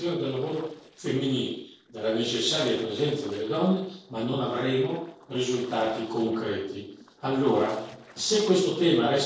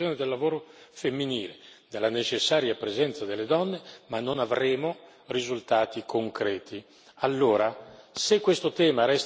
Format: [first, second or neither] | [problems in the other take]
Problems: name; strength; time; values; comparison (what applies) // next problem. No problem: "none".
second | noise reduction (neural separator model SepFormer DNS4)